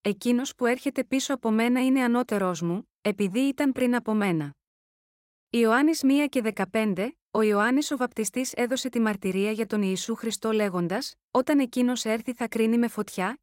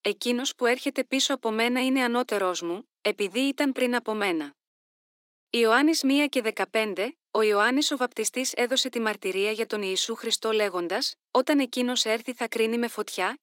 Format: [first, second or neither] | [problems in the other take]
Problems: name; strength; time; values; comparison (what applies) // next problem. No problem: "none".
first | thin; very slightly; fading below 250 Hz